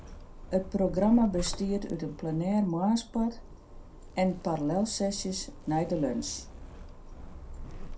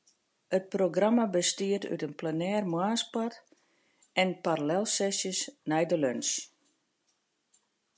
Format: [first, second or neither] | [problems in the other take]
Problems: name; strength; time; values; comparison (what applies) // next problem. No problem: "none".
second | background sound (Zipper (clothing)); 12 dB below the speech // room echo; dies away in 0.2 s